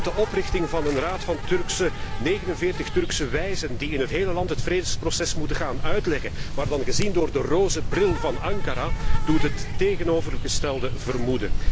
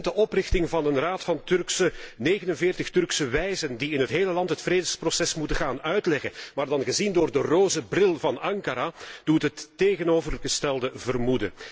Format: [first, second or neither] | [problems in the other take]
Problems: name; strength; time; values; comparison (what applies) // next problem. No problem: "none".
second | background sound (Insect); 1 dB above the speech